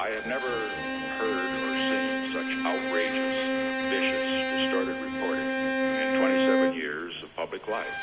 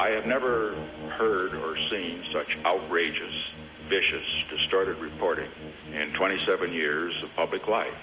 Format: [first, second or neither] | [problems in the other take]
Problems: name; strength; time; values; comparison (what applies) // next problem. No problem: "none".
second | background sound (Bowed string instrument); 5 dB above the speech